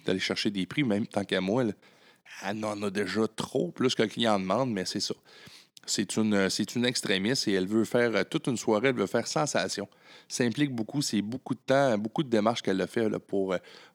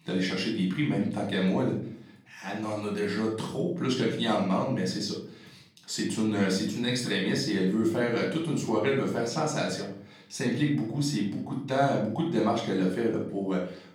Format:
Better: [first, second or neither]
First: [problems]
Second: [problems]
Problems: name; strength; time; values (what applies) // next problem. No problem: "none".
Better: first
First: none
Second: off-mic speech; far // room echo; noticeable; dies away in 0.5 s